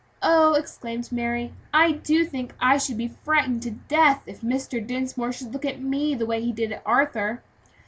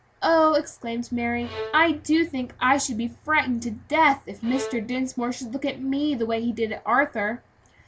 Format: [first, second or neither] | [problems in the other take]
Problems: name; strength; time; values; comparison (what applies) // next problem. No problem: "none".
first | background sound (Bowed string instrument); 16 dB below the speech